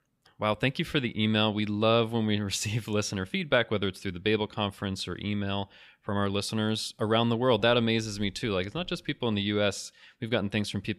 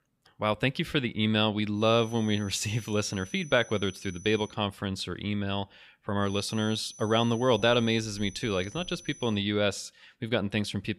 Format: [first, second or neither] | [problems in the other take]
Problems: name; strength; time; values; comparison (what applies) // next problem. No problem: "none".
first | high-pitched whine; noticeable; from 2 to 4.5 s and from 6.5 to 9.5 s; 6 kHz, 20 dB below the speech